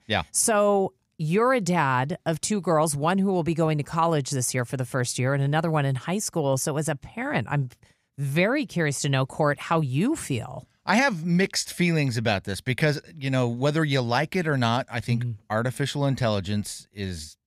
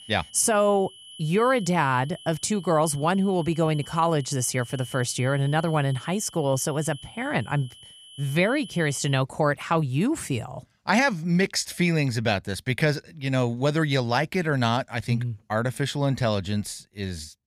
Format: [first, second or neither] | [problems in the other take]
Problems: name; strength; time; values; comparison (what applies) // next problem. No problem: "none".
first | high-pitched whine; noticeable; until 9 s; 3 kHz, 20 dB below the speech